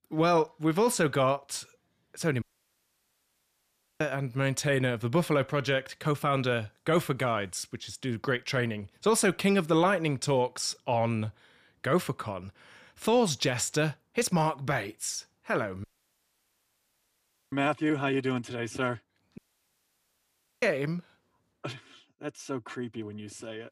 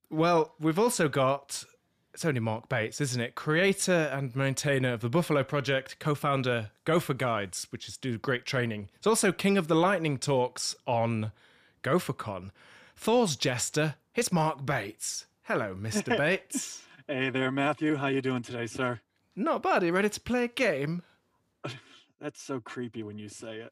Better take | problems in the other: second | audio cutting out; at 2.5 s for 1.5 s, at 16 s for 1.5 s and at 19 s for 1 s

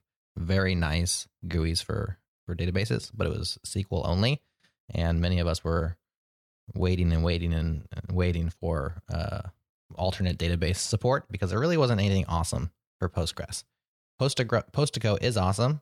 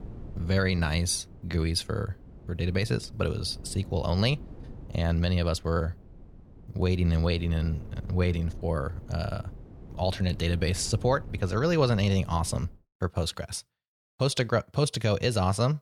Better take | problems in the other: first | wind noise on the microphone; occasional gusts; until 13 s; 25 dB below the speech

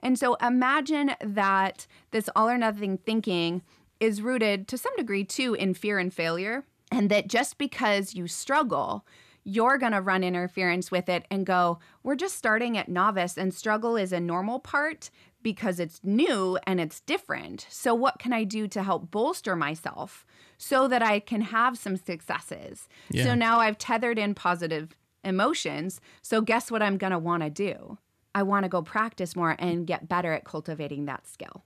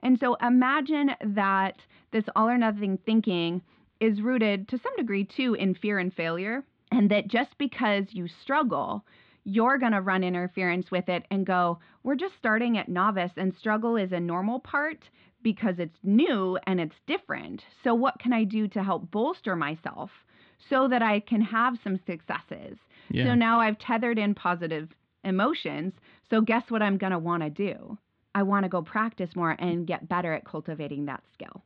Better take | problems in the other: first | muffled; slightly; fading above 3.5 kHz

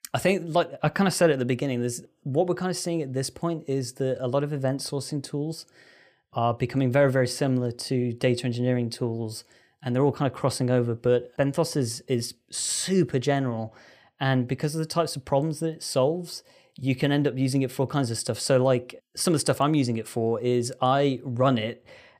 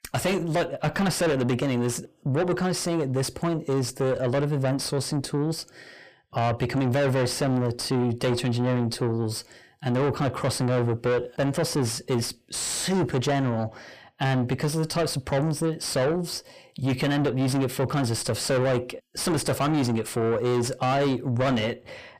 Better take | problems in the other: first | distortion; heavy; 6 dB below the speech

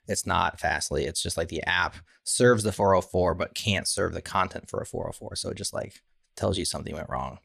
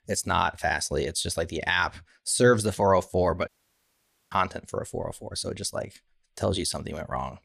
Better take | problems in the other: first | audio cutting out; at 3.5 s for 1 s

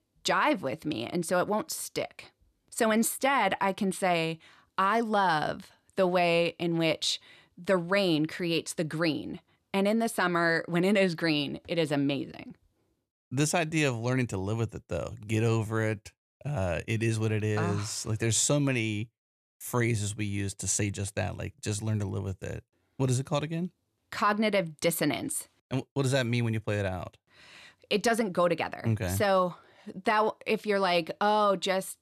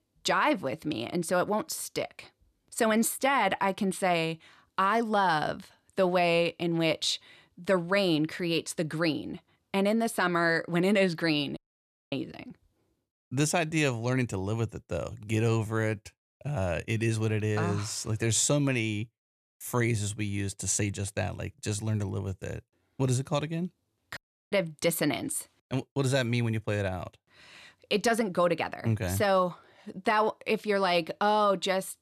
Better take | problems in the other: first | audio cutting out; at 12 s for 0.5 s and at 24 s

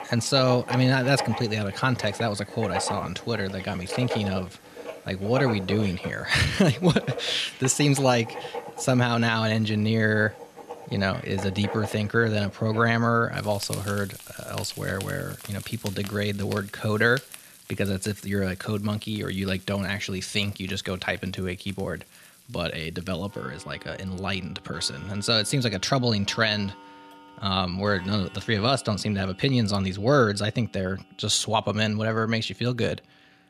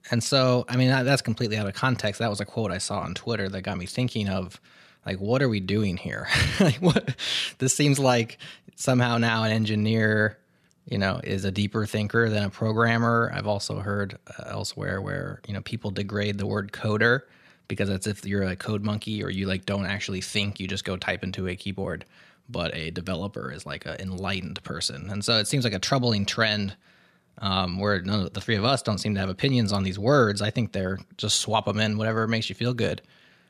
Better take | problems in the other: second | household noises; noticeable; throughout; 15 dB below the speech

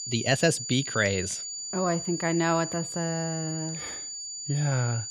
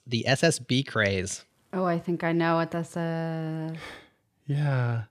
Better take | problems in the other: second | high-pitched whine; loud; throughout; 7 kHz, 6 dB below the speech

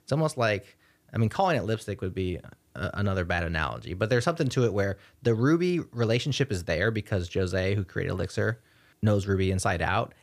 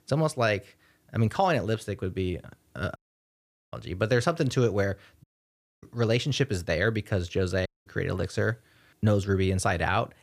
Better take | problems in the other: first | audio cutting out; at 3 s for 1 s, at 5 s for 0.5 s and at 7.5 s

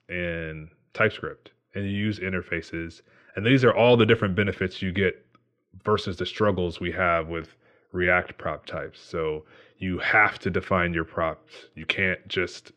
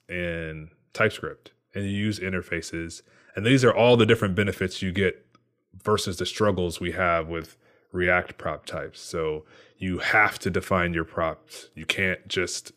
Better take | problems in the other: second | muffled; slightly; fading above 3 kHz

